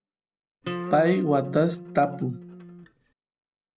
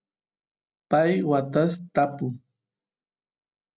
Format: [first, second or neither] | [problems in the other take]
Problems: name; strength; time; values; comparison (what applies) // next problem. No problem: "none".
second | background sound (Acoustic guitar); 10 dB below the speech